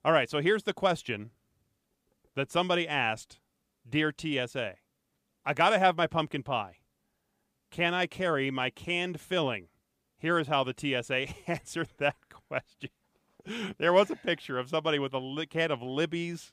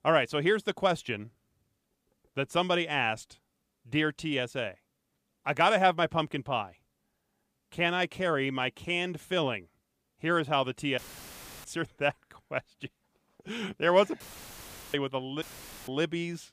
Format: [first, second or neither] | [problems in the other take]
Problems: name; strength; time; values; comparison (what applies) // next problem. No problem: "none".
first | audio cutting out; filled with static; at 11 s for 0.5 s, at 14 s for 0.5 s and at 15 s